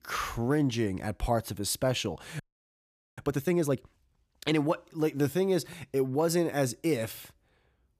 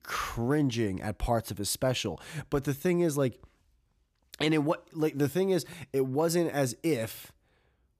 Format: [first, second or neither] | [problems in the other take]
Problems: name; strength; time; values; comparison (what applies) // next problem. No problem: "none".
second | audio freezing; at 2.5 s for 1 s